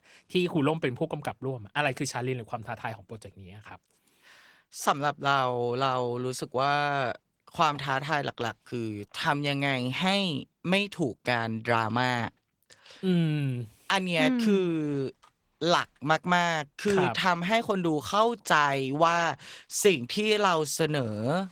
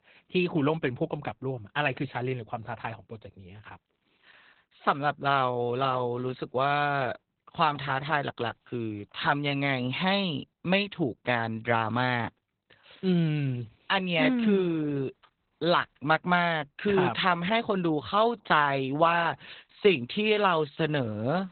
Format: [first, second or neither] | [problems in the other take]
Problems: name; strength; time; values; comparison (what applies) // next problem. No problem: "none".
first | garbled, watery; badly; nothing above 4 kHz; slightly in the first